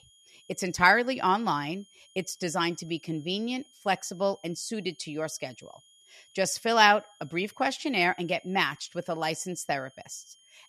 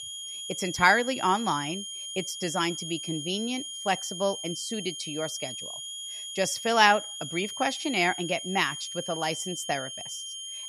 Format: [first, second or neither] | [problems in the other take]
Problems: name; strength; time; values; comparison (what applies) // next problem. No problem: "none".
first | high-pitched whine; loud; throughout; 3 kHz, 7 dB below the speech; faint in the first